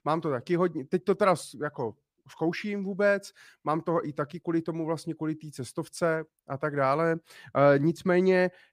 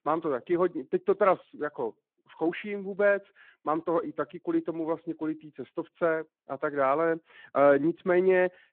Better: first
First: none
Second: phone-call audio

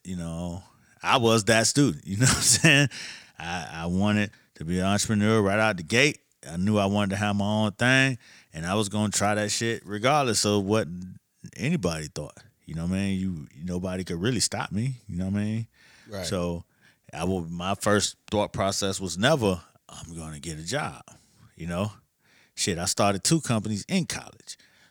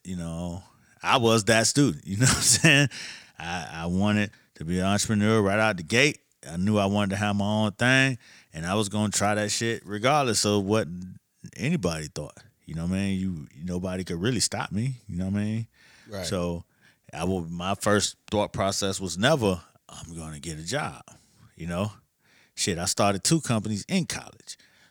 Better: neither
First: none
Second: none

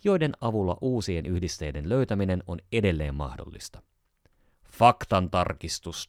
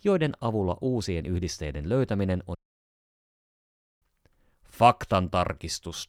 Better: first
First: none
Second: audio cutting out; at 2.5 s for 1.5 s

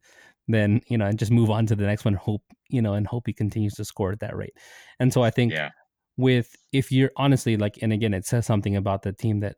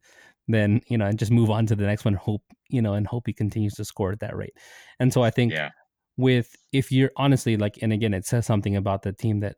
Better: neither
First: none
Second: none

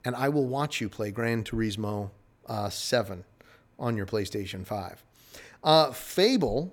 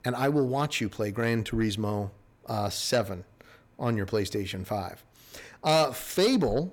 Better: first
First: none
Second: distortion; slight; 10 dB below the speech

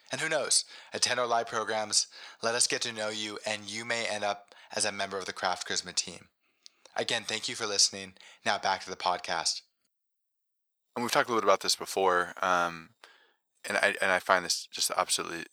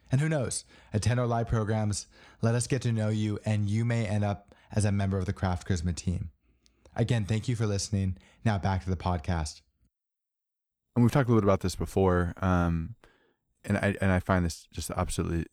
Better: second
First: thin; very; fading below 700 Hz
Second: none

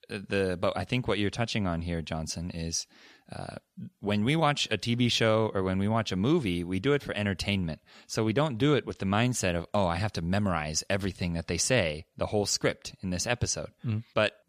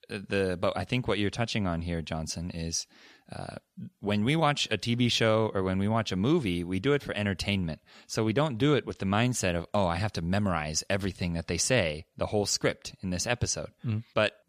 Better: neither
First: none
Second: none

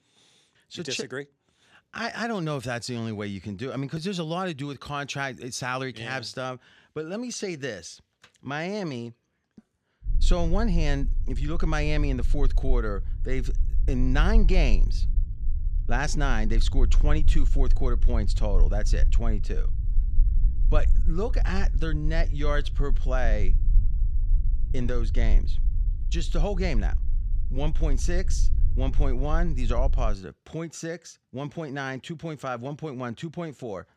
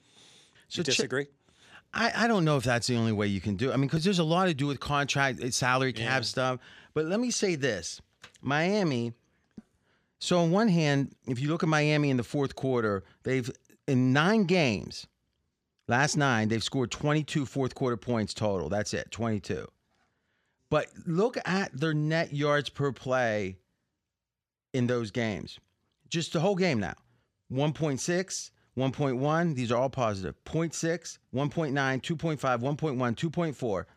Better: second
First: low rumble; noticeable; from 10 to 30 s; 20 dB below the speech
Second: none

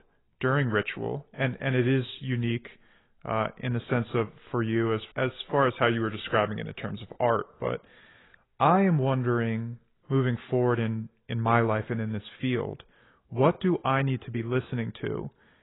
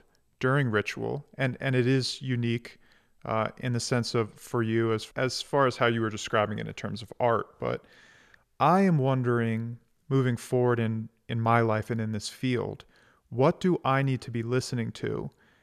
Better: second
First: garbled, watery; badly; nothing above 4 kHz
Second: none

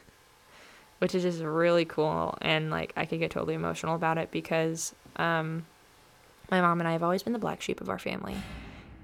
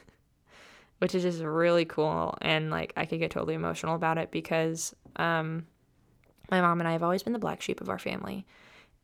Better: second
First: household noises; faint; throughout; 25 dB below the speech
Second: none

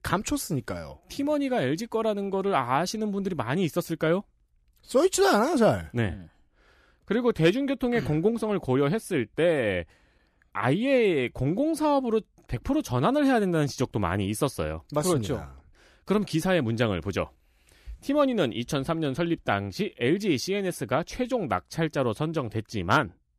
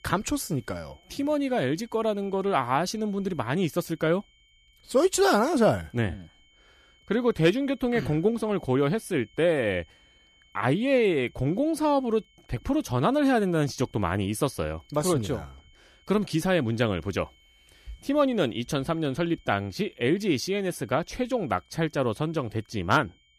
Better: first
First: none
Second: high-pitched whine; faint; throughout; 3 kHz, 35 dB below the speech

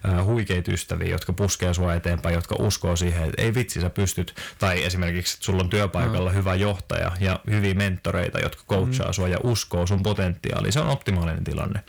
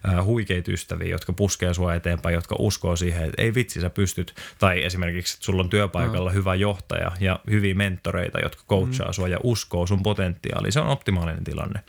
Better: second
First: distortion; slight; 10 dB below the speech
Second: none

